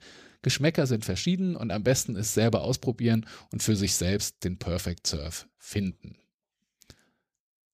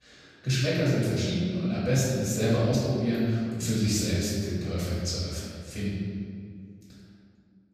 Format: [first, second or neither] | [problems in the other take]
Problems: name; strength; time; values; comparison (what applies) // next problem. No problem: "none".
first | off-mic speech; far // room echo; strong; dies away in 1.9 s